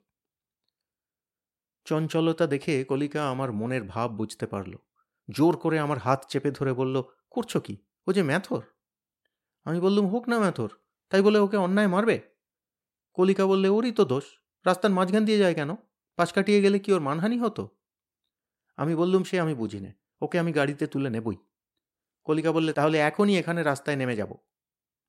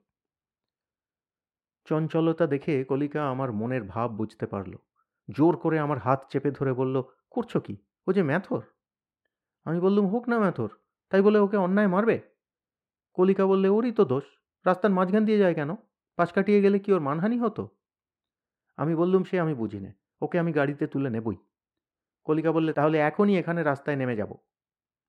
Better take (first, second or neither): first